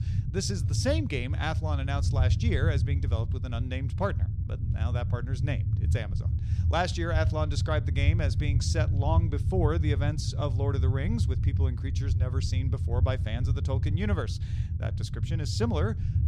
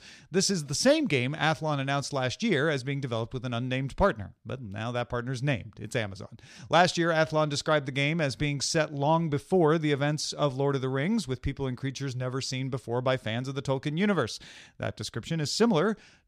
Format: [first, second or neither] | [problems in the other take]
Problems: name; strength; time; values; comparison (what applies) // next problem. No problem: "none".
second | low rumble; loud; throughout; 9 dB below the speech